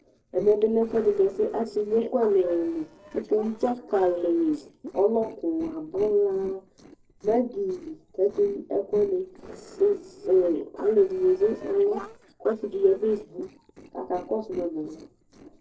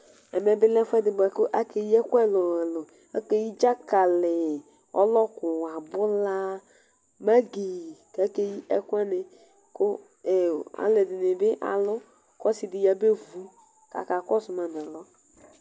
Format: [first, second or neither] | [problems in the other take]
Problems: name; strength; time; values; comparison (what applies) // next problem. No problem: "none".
second | noise reduction (neural separator model SepFormer DNS4)